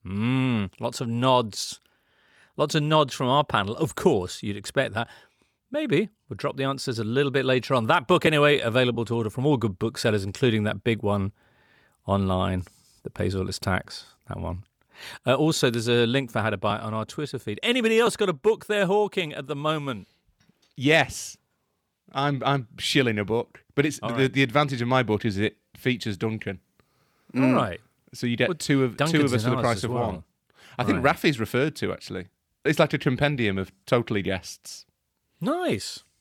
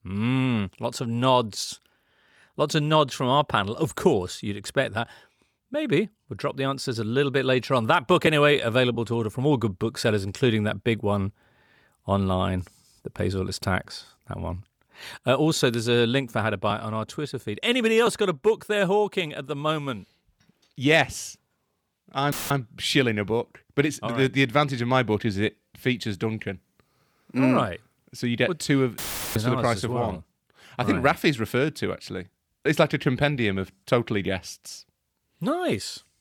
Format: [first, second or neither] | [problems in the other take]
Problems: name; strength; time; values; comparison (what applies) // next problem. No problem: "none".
first | audio cutting out; filled with static; at 22 s and at 29 s